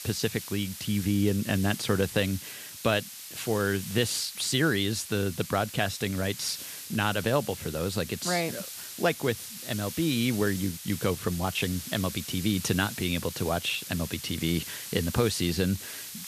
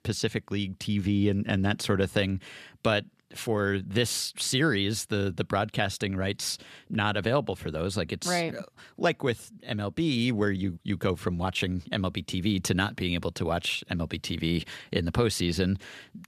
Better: second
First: hiss; loud; throughout; 9 dB below the speech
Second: none

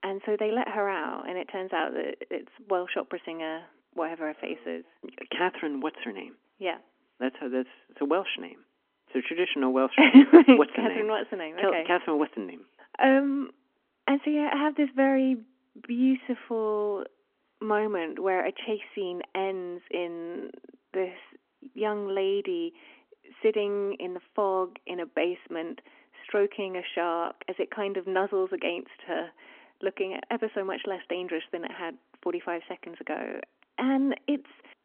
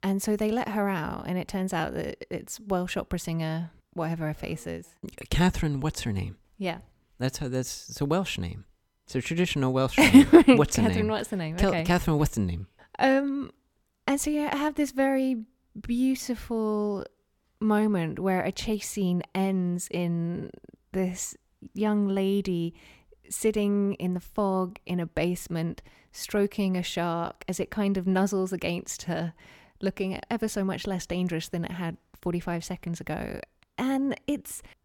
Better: second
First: phone-call audio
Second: none

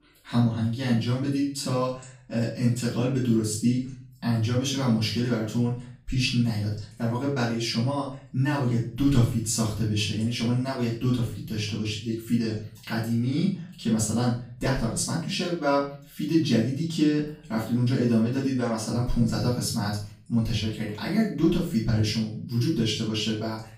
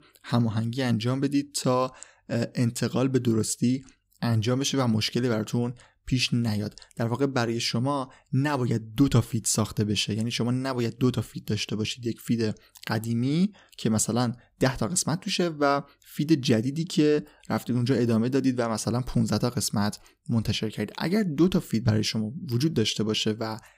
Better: second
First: off-mic speech; far // room echo; noticeable; dies away in 0.4 s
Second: none

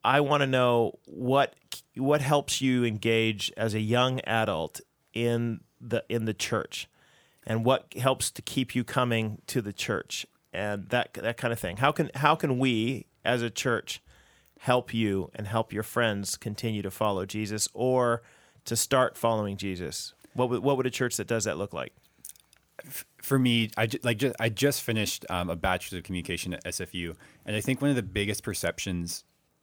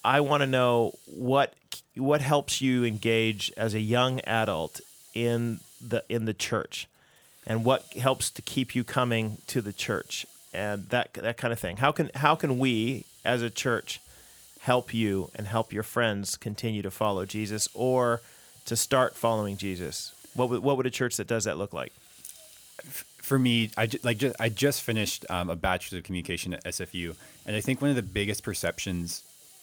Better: first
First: none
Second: hiss; faint; throughout; 25 dB below the speech

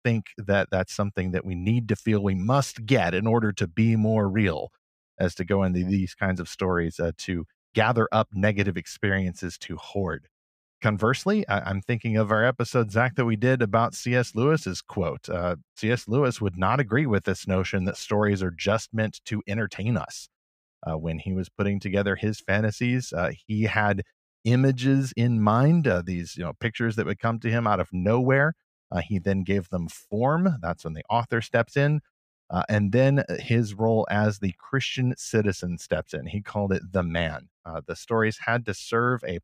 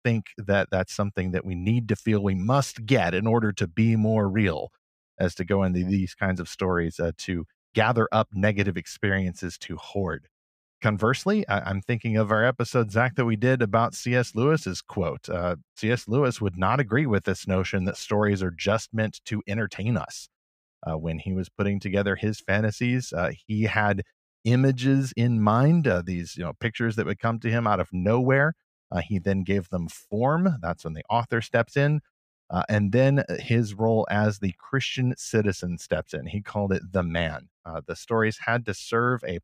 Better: neither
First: none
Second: none

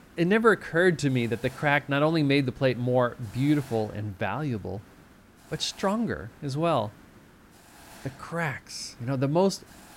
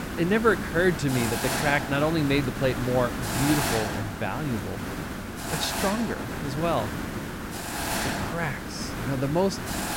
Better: first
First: hiss; faint; throughout; 25 dB below the speech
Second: hiss; loud; throughout; 4 dB below the speech

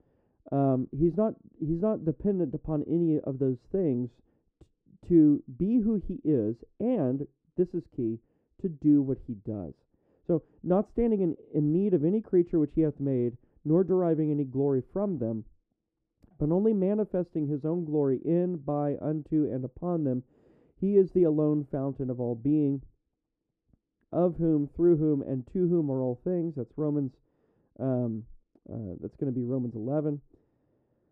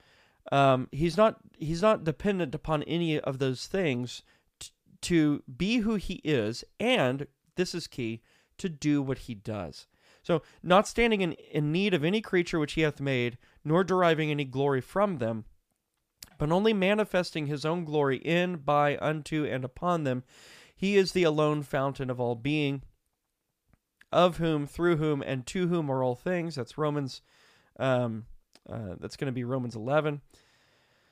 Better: second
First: muffled; very; fading above 1.5 kHz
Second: none

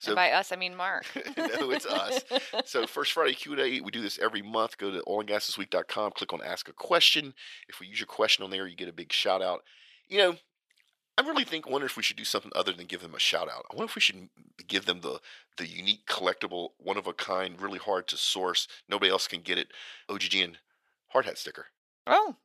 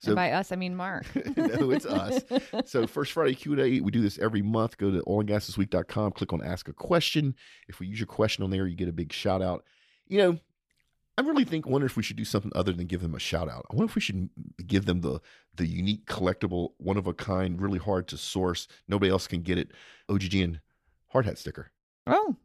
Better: second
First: thin; very; fading below 600 Hz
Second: none

